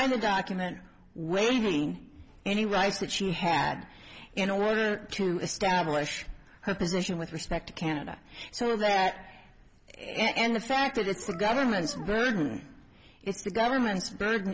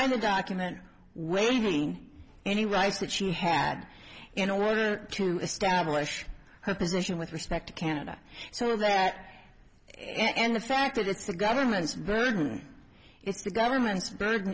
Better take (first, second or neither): second